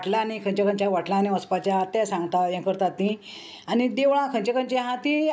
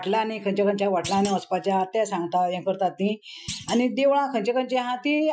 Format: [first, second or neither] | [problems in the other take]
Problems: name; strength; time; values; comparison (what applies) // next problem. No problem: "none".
first | noise reduction (classical method Wiener filter)